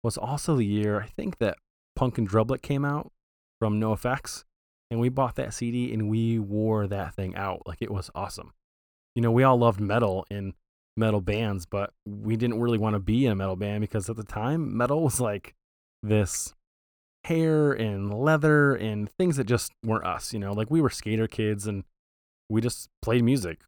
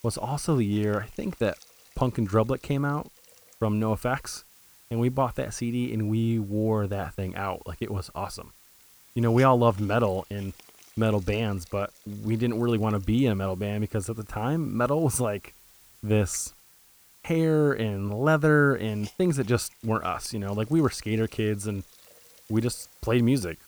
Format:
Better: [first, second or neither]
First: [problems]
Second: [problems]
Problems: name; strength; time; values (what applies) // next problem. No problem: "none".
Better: first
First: none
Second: hiss; faint; throughout; 25 dB below the speech